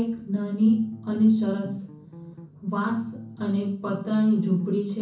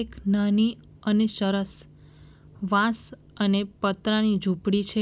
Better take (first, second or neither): second